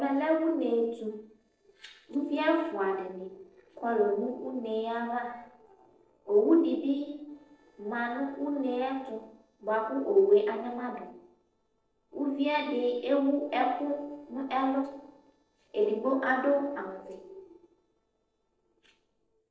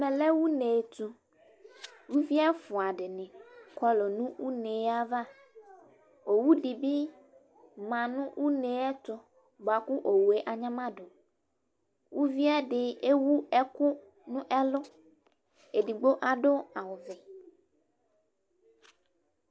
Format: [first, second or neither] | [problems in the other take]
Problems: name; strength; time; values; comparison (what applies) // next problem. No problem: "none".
second | noise reduction (neural separator model SepFormer DNS4)